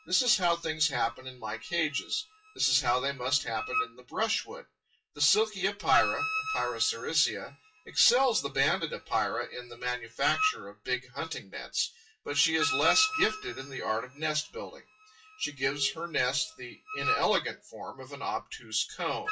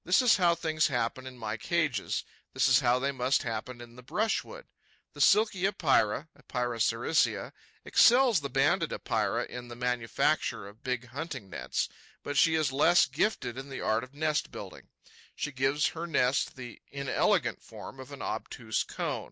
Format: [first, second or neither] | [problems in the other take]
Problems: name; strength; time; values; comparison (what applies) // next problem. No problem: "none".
second | noise reduction (classical method WPE with log-MMSE)